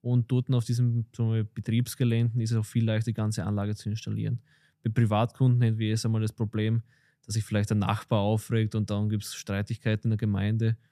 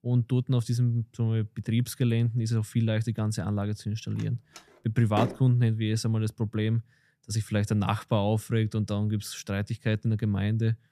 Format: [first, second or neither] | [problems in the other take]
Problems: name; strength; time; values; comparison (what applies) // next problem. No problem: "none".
first | door banging; noticeable; at 4.5 s; peak 5 dB below the speech